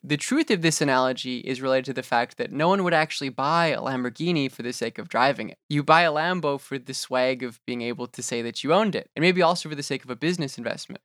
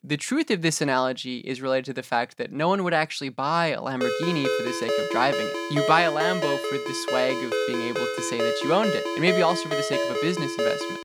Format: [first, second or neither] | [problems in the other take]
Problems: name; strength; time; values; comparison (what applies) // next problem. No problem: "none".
first | phone ringing; loud; from 4 s on; peak level with the speech